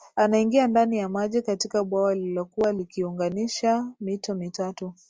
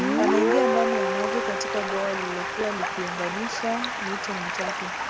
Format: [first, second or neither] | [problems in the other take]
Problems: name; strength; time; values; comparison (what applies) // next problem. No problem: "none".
first | background sound (Stream + Guitar); 4 dB above the speech